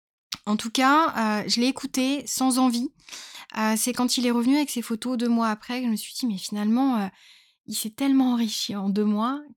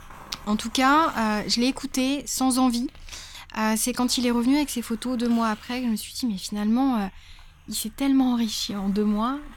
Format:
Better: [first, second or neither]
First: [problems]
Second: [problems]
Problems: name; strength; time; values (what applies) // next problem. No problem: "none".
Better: first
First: none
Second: hiss; faint; throughout; 25 dB below the speech